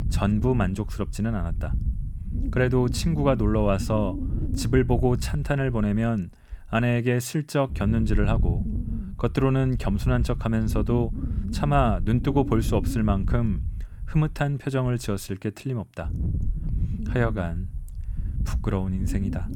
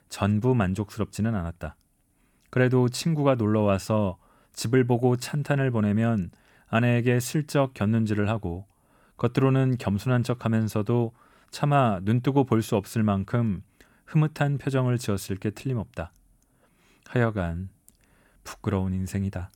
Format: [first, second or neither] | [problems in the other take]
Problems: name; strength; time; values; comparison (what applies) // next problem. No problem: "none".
second | wind noise on the microphone; occasional gusts; 15 dB below the speech